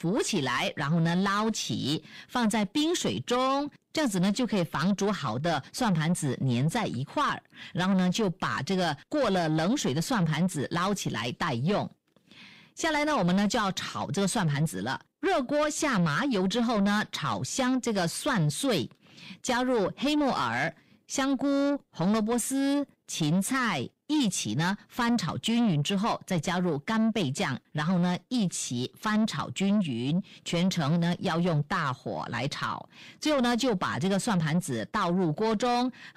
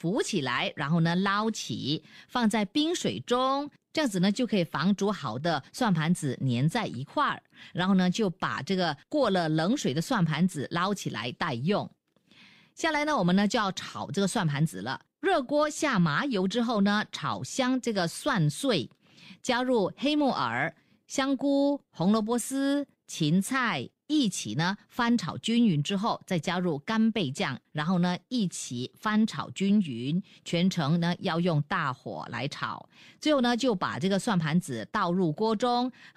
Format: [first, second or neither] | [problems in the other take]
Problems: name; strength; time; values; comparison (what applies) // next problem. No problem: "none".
second | distortion; slight; 10 dB below the speech